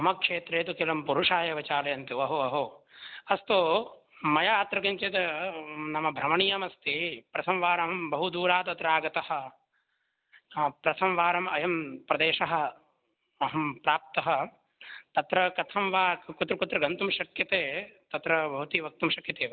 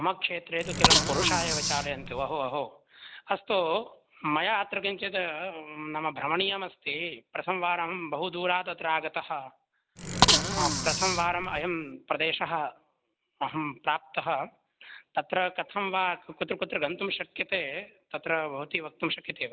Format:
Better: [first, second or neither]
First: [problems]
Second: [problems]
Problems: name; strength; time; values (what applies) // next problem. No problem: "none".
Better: first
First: none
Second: background sound (Bicycle); 4 dB above the speech